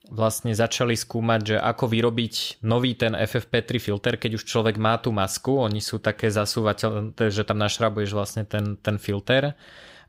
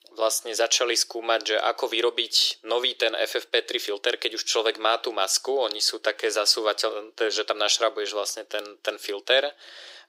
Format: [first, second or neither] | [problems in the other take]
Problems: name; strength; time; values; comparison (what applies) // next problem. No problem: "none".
first | thin; very; fading below 350 Hz